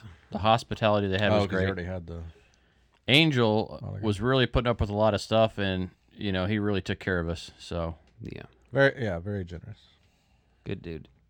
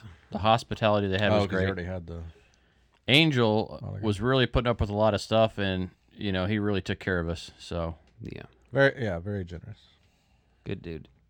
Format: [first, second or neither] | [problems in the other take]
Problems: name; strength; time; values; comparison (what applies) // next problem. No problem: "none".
neither | none